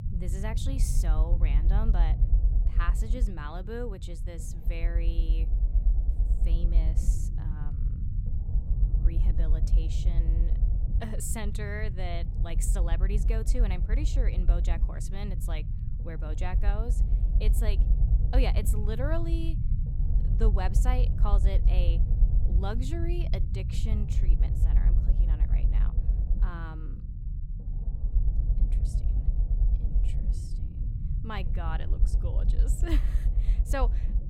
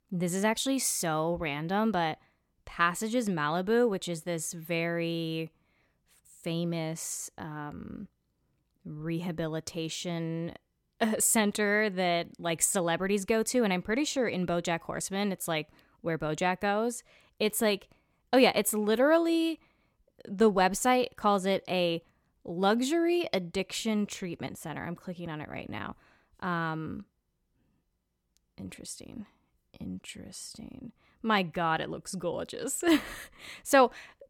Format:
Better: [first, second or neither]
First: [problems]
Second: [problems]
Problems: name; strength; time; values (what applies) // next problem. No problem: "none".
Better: second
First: low rumble; loud; throughout; 8 dB below the speech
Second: none